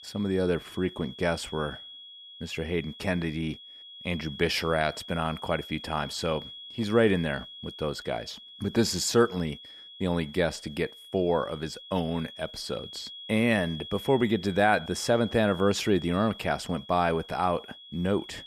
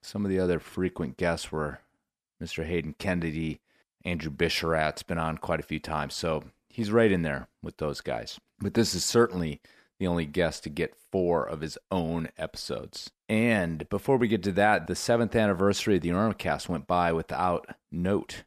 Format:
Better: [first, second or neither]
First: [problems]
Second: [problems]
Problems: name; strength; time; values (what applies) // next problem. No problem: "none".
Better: second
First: high-pitched whine; noticeable; throughout; 3.5 kHz, 15 dB below the speech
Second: none